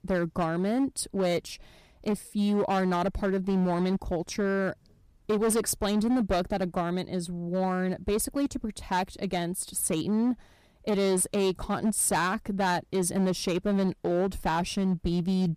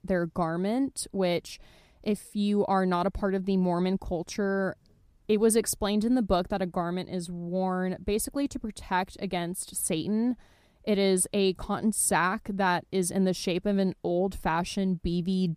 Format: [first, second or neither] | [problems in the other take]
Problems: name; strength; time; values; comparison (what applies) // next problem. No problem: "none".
second | distortion; slight; 10% of the sound clipped